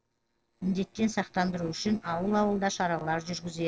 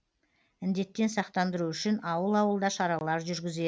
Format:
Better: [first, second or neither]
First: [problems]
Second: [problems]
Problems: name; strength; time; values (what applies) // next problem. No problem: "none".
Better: second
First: noise reduction (neural separator model SepFormer DNS4)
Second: none